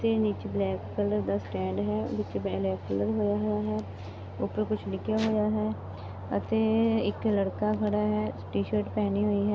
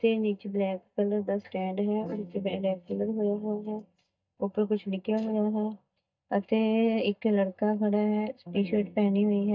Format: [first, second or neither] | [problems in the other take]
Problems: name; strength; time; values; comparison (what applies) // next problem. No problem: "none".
first | noise reduction (neural mask model DeepFilterNet 3)